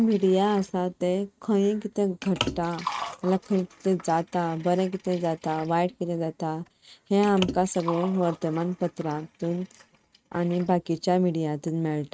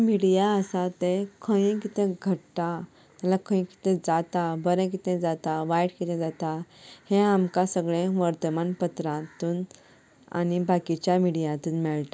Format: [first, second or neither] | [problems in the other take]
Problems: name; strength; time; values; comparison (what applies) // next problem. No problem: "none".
second | noise reduction (neural mask model RNNoise)